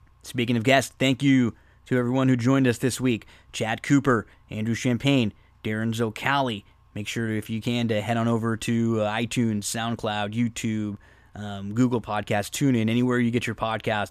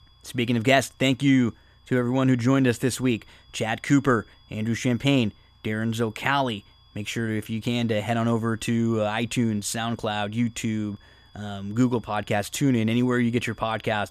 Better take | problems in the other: first | high-pitched whine; faint; throughout; 3.5 kHz, 35 dB below the speech

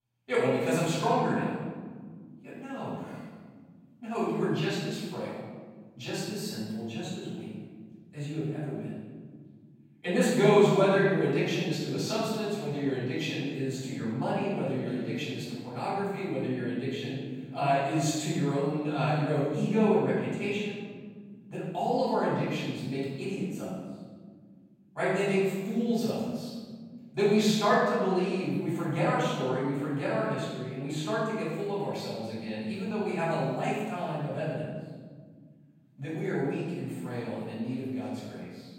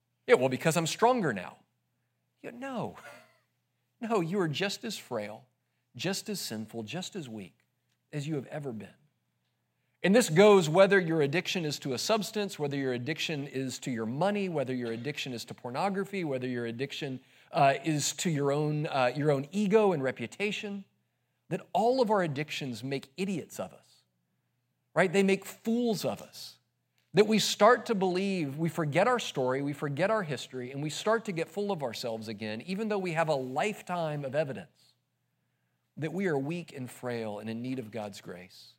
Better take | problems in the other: second | off-mic speech; far // room echo; strong; dies away in 1.7 s

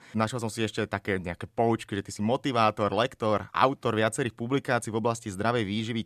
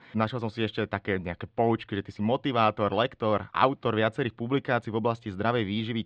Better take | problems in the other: first | muffled; slightly; fading above 3.5 kHz

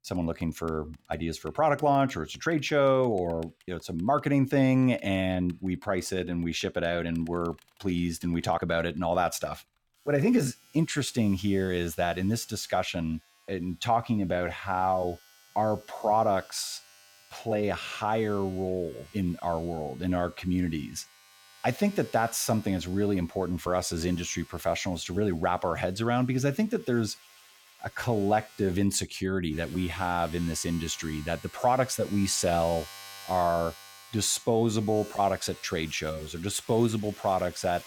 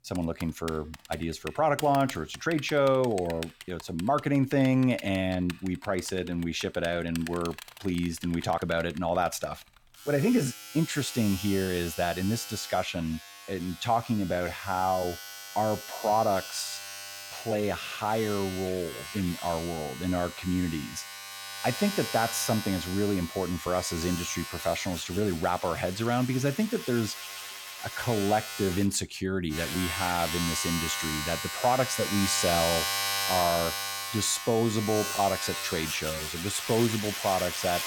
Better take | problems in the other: first | household noises; loud; throughout; 6 dB below the speech; faint in the first

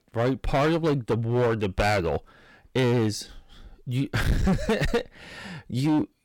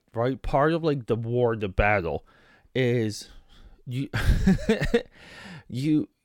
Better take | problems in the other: second | distortion; heavy; 13% of the sound clipped

